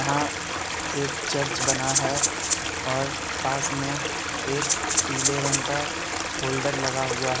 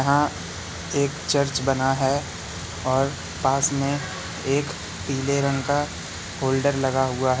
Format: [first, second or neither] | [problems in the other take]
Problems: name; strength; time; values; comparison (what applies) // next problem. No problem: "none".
second | background sound (Rattle (instrument) + Stream); 3 dB above the speech